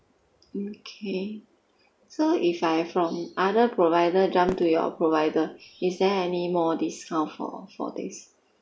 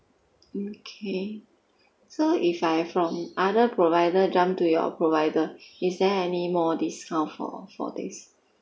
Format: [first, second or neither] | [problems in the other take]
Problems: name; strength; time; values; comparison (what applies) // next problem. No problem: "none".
second | background sound (Fireworks); 18 dB below the speech